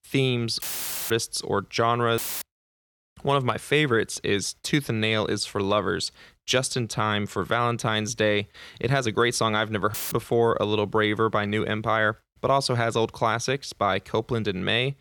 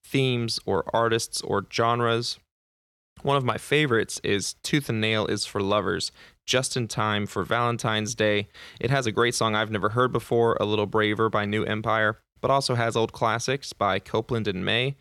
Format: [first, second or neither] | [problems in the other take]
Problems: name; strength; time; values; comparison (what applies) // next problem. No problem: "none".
second | audio cutting out; filled with static; at 0.5 s, at 2 s and at 10 s